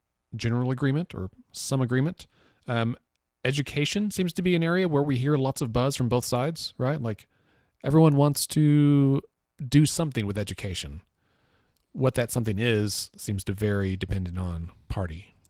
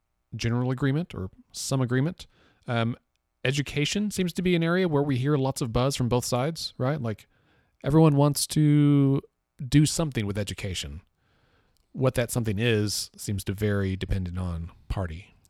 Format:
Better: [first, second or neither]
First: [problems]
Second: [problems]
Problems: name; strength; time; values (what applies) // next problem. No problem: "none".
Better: second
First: garbled, watery; slightly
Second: none